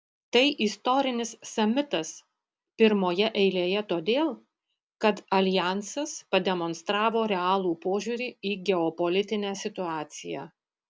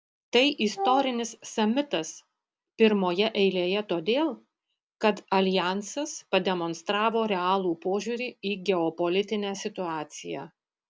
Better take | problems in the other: first | background sound (Wind instrument, woodwind instrument); 5 dB below the speech

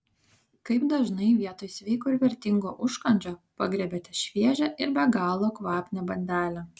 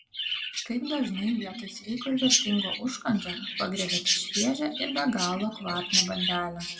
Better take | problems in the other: first | background sound (Chirp, tweet); 1 dB below the speech // room echo; dies away in 1.3 s

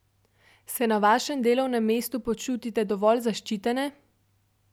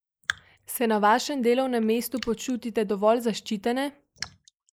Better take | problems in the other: first | noise reduction (neural mask model Resemble Enhance denoiser)

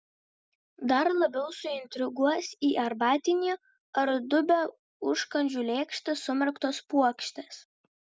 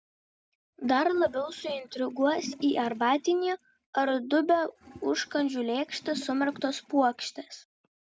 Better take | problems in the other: first | background sound (Toilet flush); 19 dB below the speech

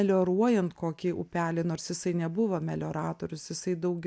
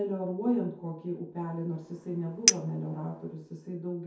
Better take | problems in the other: first | background sound (Chink, clink); as loud as the speech // room echo; dies away in 0.6 s

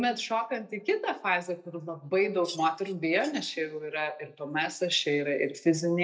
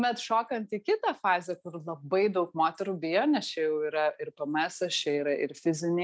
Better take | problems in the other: second | noise reduction (neural mask model DeepFilterNet 3)

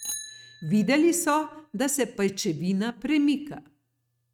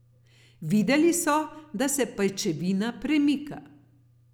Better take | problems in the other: second | noise reduction (neural mask model RNNoise)

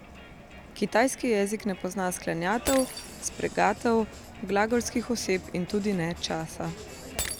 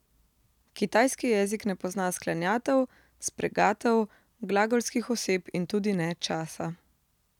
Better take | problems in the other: second | background sound (Crowd + Shatter); 12 dB below the speech

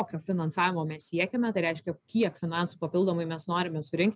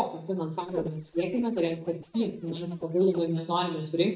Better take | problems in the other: first | noise reduction (neural mask model DeepFilterNet 3)

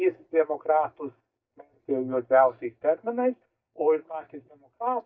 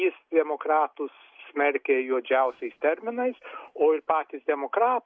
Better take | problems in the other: second | noise reduction (neural mask model DeepFilterNet 3)

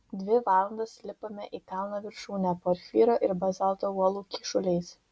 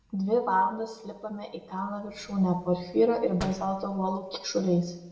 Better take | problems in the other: first | background sound (Slam); 17 dB below the speech // room echo; dies away in 0.8 s

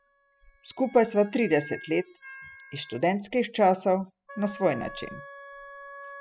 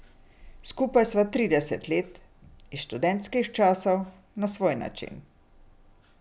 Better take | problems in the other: second | noise reduction (classical method spectral subtraction)

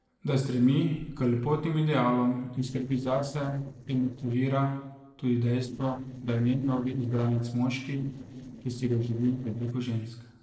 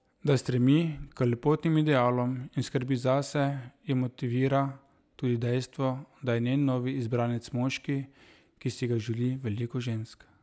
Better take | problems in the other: second | noise reduction (neural separator model SepFormer DNS4)

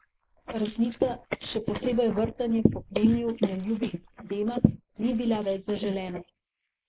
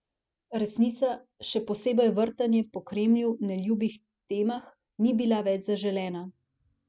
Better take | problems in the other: second | noise reduction (neural mask model Resemble Enhance denoiser)

